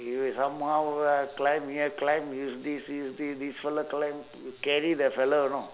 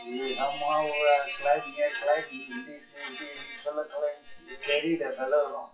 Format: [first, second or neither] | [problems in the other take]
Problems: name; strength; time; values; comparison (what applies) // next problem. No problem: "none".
first | noise reduction (classical method WPE with log-MMSE)